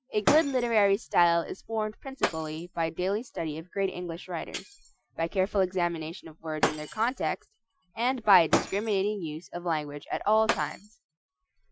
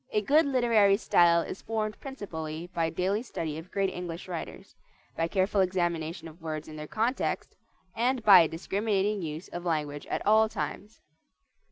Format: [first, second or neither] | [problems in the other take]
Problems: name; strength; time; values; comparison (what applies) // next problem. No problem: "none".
second | noise reduction (classical method Wiener filter)